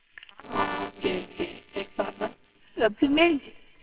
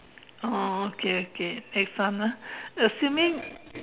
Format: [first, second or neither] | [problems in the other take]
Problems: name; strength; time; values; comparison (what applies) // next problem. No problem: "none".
second | noise reduction (neural separator model SepFormer WHAMR!)